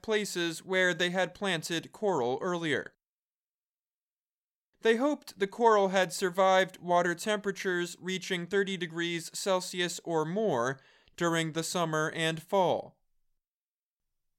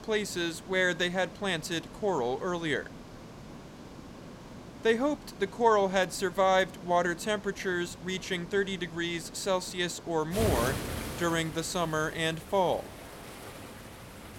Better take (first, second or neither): first